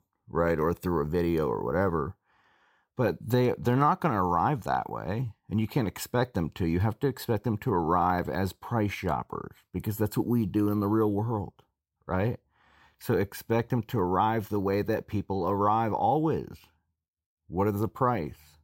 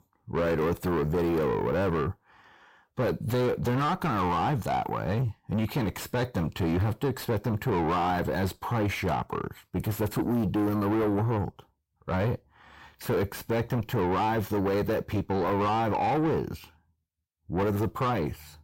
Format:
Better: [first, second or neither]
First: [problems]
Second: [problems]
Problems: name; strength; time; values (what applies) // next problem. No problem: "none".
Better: first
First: none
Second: distortion; heavy; 7 dB below the speech